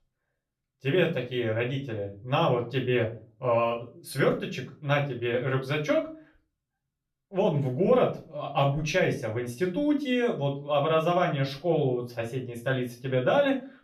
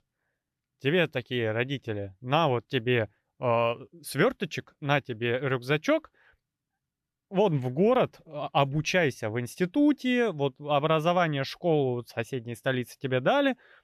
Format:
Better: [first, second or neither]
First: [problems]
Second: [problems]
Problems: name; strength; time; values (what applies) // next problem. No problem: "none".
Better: second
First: off-mic speech; far // room echo; slight; dies away in 0.3 s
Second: none